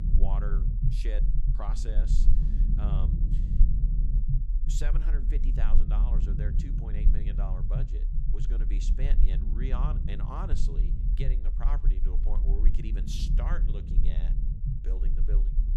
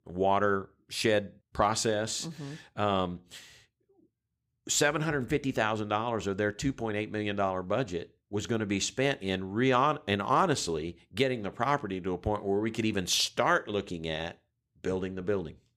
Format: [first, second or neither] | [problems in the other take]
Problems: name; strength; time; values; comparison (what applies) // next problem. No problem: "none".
second | low rumble; loud; throughout; 3 dB below the speech